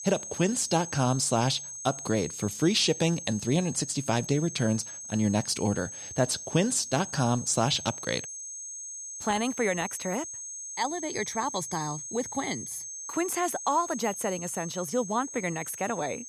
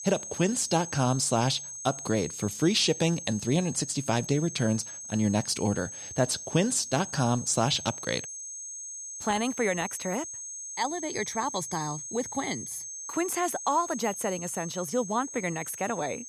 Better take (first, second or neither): neither